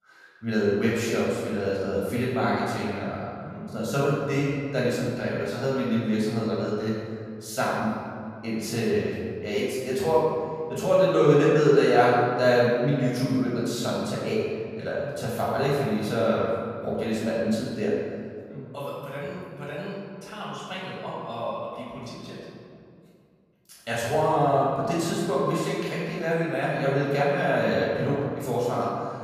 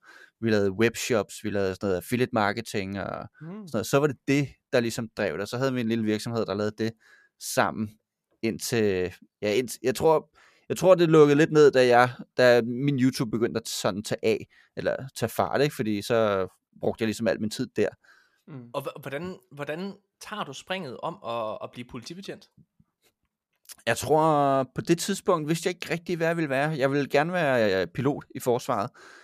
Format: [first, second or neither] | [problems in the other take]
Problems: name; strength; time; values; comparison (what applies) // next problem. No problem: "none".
second | off-mic speech; far // room echo; strong; dies away in 2 s